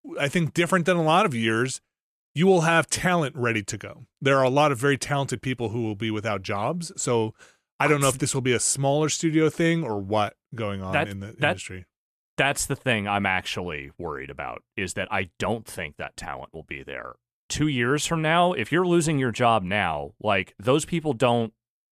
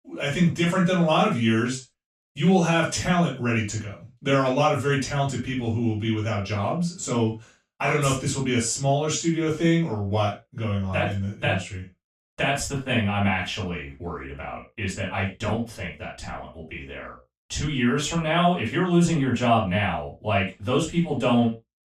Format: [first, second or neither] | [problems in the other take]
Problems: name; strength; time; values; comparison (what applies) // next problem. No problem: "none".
first | room echo; noticeable; dies away in 0.2 s // off-mic speech; far